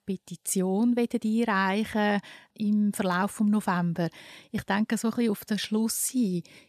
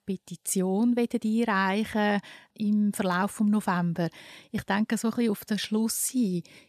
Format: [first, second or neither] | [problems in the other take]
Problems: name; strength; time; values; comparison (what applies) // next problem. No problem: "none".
neither | none